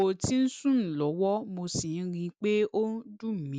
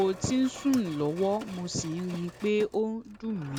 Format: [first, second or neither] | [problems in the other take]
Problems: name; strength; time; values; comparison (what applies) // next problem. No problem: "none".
first | background sound (Mechanisms); 17 dB below the speech